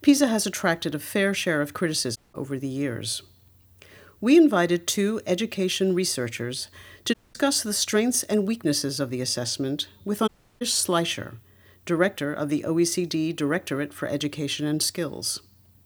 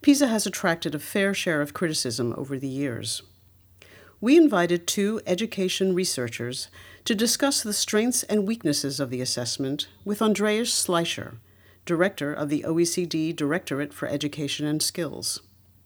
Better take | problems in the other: second | audio cutting out; at 2 s, at 7 s and at 10 s

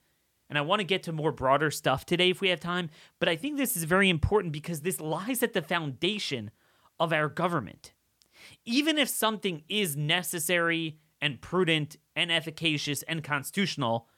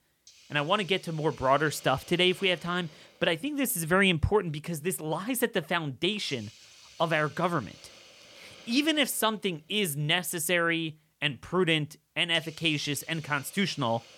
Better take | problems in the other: first | hiss; faint; throughout; 20 dB below the speech

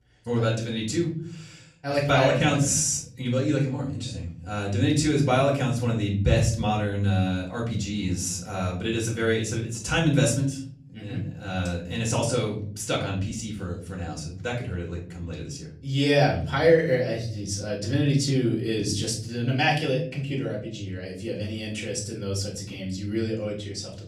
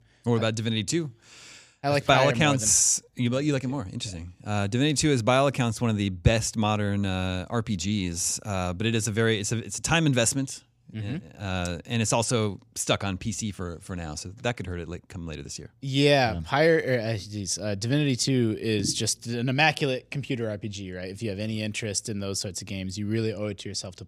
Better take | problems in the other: second | off-mic speech; far // room echo; slight; dies away in 0.7 s

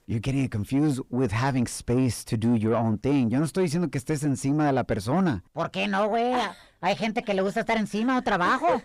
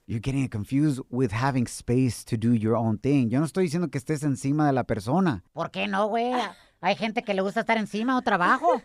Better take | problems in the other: second | distortion; slight; 10 dB below the speech

